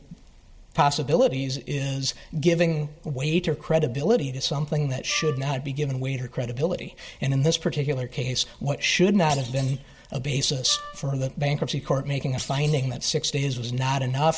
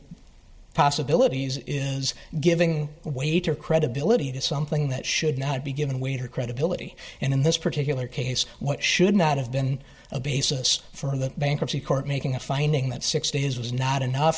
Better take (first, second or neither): second